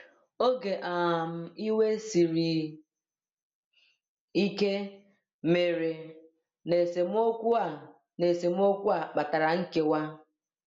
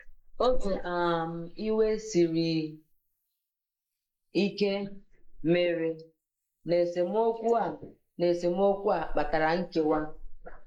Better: first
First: none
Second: noise reduction (neural mask model Resemble Enhance denoiser)

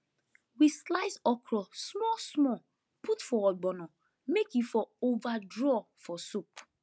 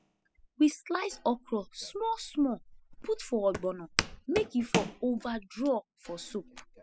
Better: first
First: none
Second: noise reduction (classical method spectral subtraction)

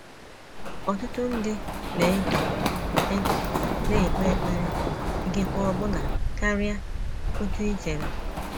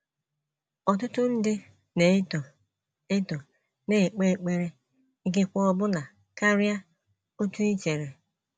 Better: second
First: background sound (Stream + Run); 3 dB above the speech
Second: none

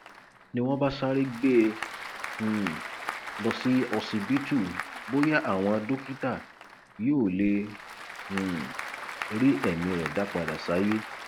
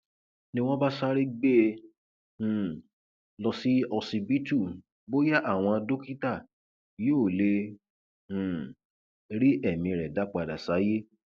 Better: second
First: background sound (Applause / Crowd); 10 dB below the speech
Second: none

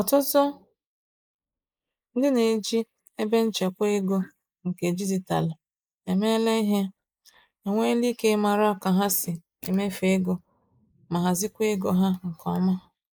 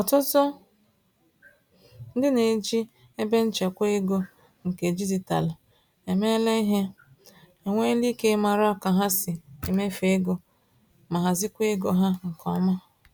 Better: second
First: noise reduction (neural mask model Resemble Enhance denoiser)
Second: none

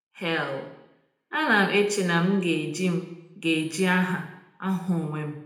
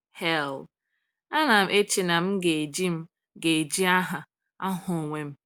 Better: second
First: room echo; dies away in 0.7 s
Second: none

